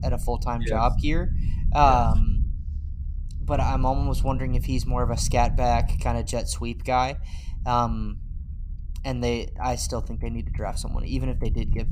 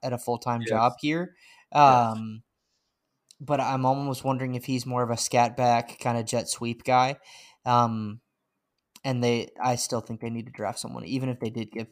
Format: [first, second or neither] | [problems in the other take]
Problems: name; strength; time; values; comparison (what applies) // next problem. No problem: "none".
second | low rumble; faint; throughout; 20 dB below the speech